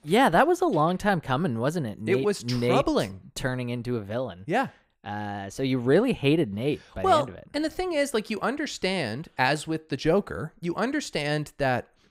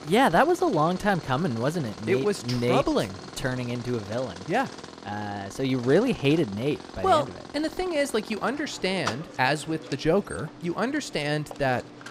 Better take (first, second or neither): first